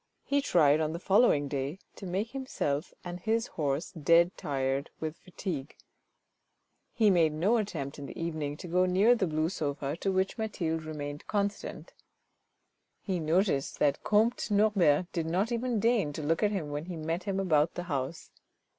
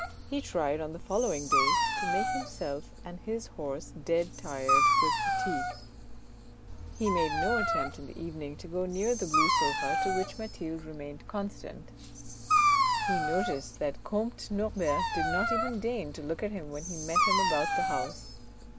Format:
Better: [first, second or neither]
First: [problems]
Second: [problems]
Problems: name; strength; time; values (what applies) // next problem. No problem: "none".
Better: first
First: none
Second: background sound (Dog); 3 dB above the speech